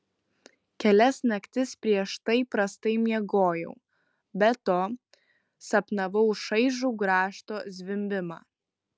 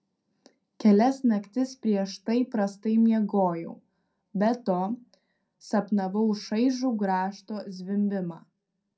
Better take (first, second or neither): first